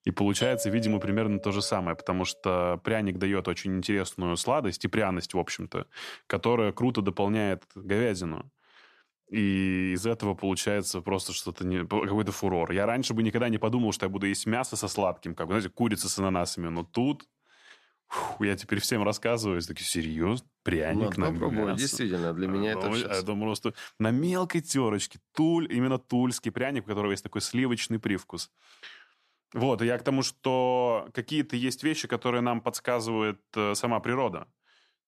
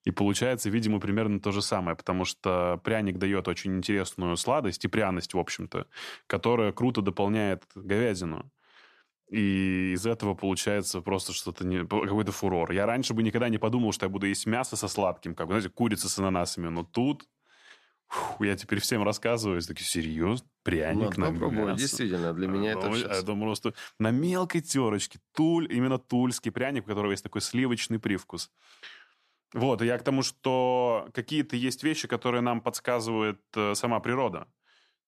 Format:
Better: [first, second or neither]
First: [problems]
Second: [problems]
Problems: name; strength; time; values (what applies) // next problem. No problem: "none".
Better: second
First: doorbell; noticeable; until 2 s; peak 4 dB below the speech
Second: none